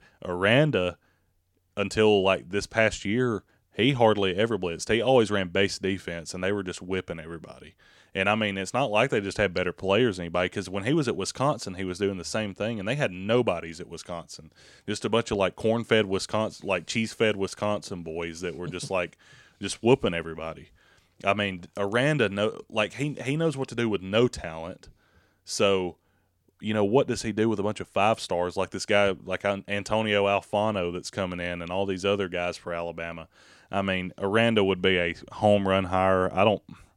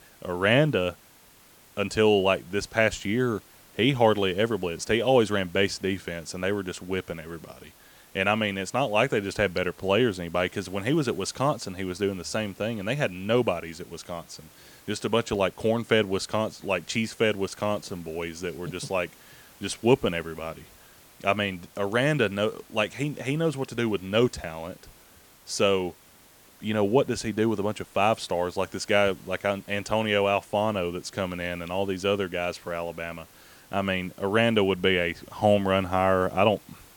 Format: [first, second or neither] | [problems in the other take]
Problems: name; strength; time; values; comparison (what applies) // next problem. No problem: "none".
first | hiss; faint; throughout; 25 dB below the speech